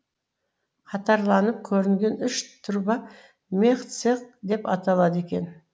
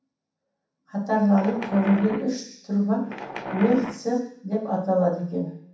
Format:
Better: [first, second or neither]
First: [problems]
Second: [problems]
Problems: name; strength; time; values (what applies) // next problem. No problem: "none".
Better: first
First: none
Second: background sound (Wild animals); 11 dB below the speech // room echo; dies away in 0.7 s